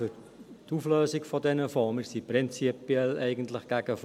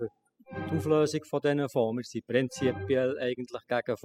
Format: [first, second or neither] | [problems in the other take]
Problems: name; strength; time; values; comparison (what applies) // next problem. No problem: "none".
first | noise reduction (classical method spectral subtraction)